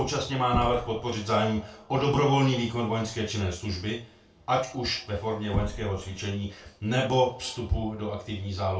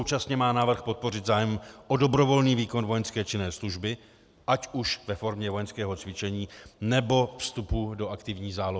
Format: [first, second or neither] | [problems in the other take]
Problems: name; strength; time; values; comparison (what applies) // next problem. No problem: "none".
second | background sound (Knock); 13 dB below the speech // room echo; dies away in 0.2 s